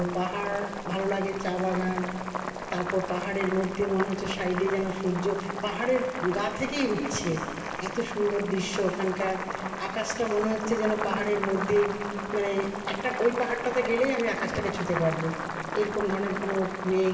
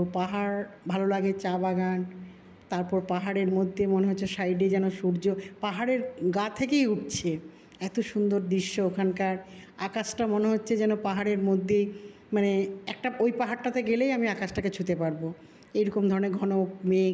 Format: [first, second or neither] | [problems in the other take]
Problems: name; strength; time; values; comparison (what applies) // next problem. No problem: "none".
second | background sound (Boiling); 6 dB below the speech // room echo; dies away in 2.4 s